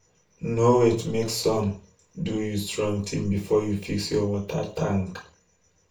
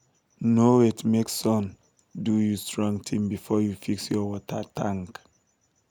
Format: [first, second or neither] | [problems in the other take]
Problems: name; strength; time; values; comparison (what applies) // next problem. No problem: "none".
second | room echo; dies away in 0.3 s